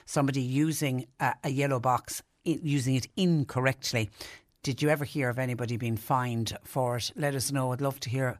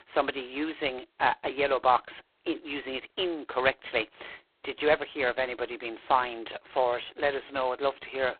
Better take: first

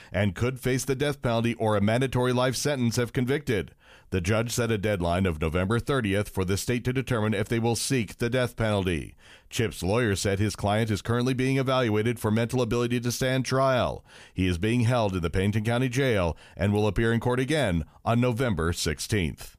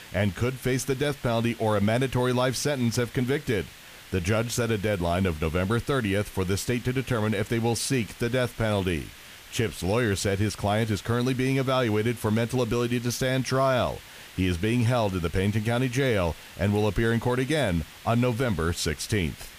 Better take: first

